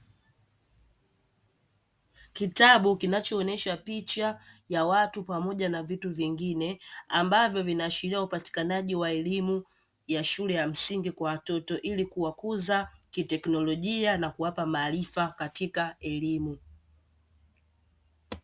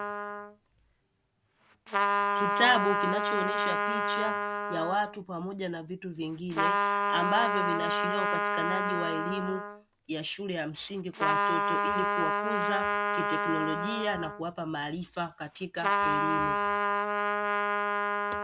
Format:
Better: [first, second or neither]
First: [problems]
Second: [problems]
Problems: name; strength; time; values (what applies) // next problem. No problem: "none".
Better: first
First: none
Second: background sound (Trumpet); 4 dB above the speech